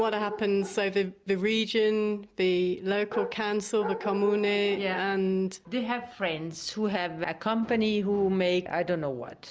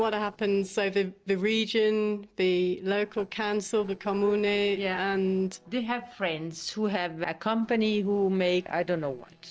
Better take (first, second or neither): first